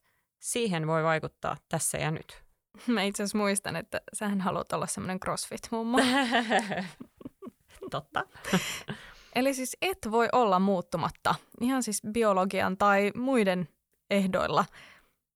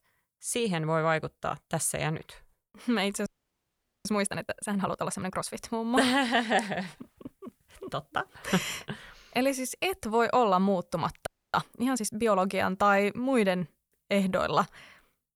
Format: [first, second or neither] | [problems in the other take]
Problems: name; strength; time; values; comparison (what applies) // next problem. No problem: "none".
first | audio freezing; at 3.5 s for 1 s and at 11 s